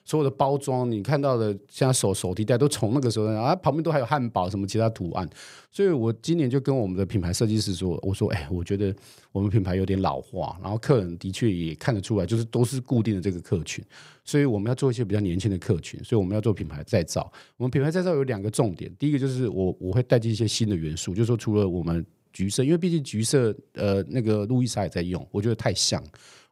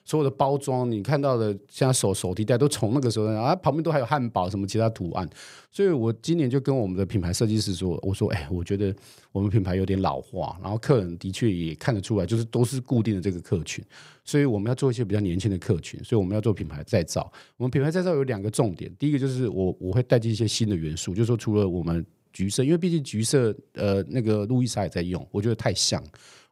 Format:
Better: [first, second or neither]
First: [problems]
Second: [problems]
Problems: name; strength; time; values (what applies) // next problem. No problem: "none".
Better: neither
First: none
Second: none